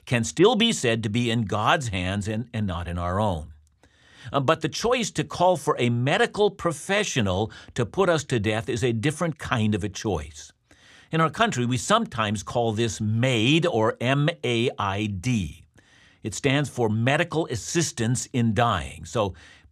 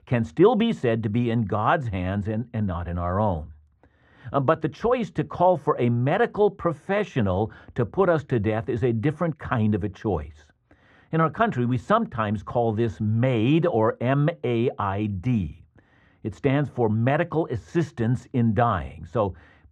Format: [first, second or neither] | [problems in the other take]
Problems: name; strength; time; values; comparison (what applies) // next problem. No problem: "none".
first | muffled; very; fading above 3 kHz